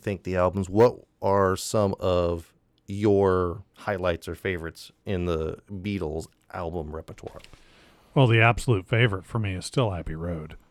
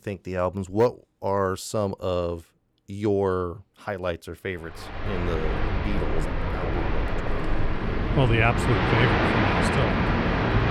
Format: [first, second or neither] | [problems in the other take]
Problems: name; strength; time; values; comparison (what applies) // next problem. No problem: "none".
first | train or aircraft noise; very loud; from 5 s on; 2 dB above the speech